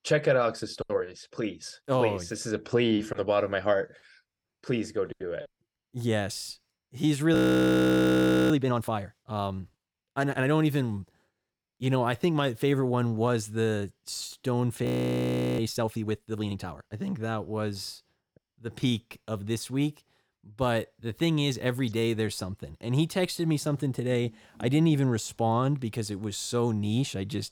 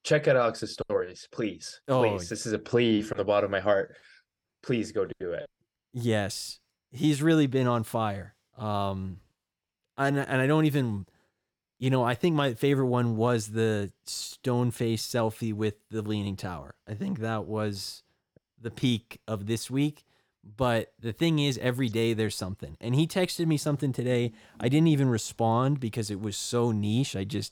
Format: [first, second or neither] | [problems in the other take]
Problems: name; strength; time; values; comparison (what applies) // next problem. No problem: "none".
second | audio freezing; at 7.5 s for 1 s and at 15 s for 0.5 s